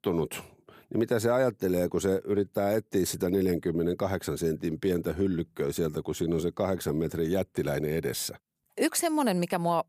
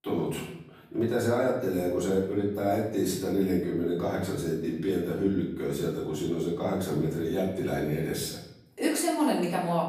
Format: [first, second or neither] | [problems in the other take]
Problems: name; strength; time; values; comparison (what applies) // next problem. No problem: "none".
first | off-mic speech; far // room echo; noticeable; dies away in 0.7 s